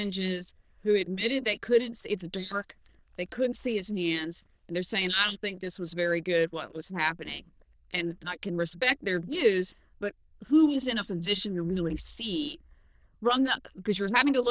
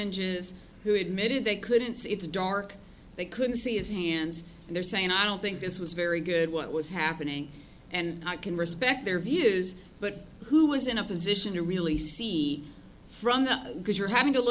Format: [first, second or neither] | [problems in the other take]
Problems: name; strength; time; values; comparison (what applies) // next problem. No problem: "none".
second | noise reduction (neural diffusion model UNIVERSE++)